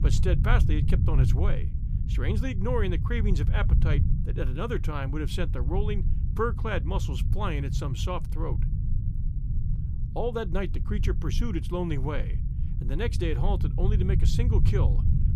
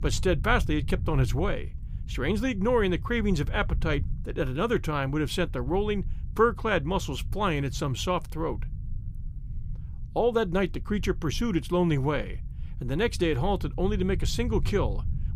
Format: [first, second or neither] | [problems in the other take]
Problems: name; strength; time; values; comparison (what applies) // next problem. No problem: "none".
second | low rumble; loud; throughout; 9 dB below the speech; faint in the second